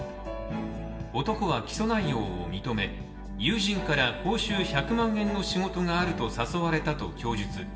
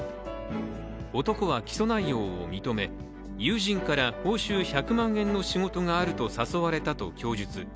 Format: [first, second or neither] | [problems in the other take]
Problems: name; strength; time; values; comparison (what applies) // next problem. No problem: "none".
second | room echo; dies away in 0.8 s